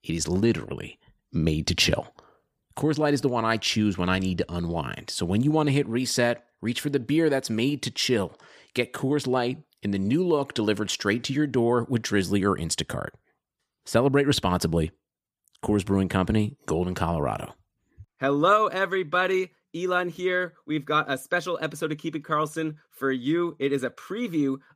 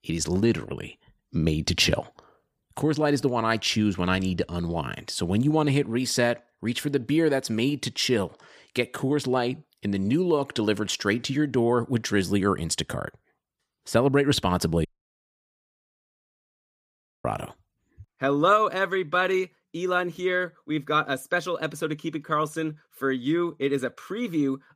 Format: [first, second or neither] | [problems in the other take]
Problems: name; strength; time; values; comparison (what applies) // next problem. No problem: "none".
first | audio cutting out; at 15 s for 2.5 s